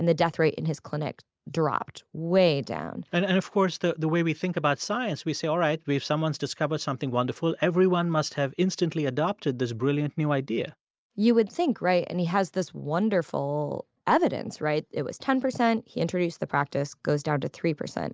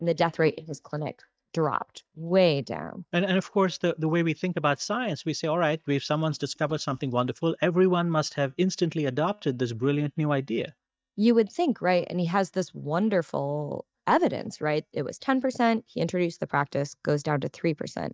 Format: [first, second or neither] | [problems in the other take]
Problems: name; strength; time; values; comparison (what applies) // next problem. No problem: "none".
first | noise reduction (neural mask model DeepFilterNet 3)